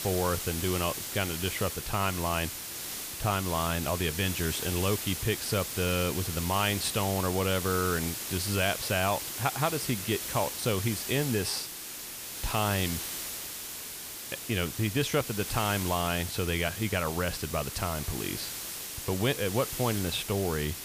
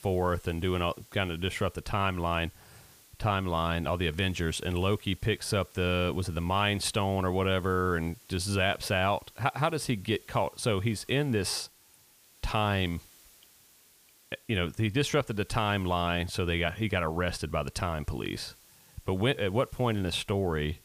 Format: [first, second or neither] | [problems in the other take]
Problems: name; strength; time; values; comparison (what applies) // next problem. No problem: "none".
second | hiss; loud; throughout; 4 dB below the speech; faint in the second